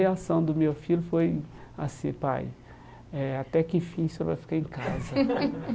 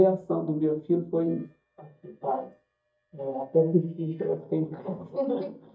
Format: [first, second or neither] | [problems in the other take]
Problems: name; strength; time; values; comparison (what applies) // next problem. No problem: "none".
first | noise reduction (neural mask model DeepFilterNet 3)